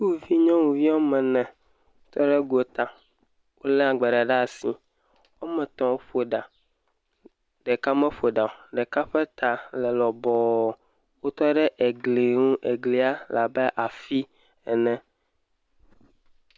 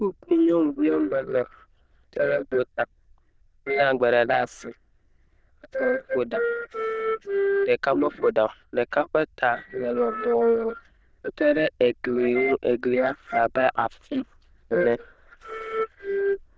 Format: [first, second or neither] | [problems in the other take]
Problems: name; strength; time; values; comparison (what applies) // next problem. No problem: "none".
first | noise reduction (neural diffusion model UNIVERSE++)